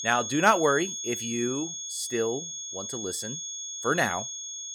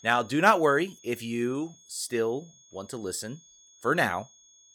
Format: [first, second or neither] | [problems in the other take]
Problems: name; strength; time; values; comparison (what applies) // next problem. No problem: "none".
second | high-pitched whine; loud; throughout; 6.5 kHz, 5 dB below the speech; faint in the second